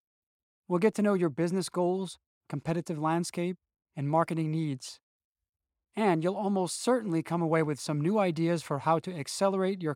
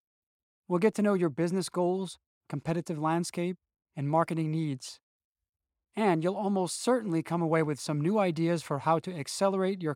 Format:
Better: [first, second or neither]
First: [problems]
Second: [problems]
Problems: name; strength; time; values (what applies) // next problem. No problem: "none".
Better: neither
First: none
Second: none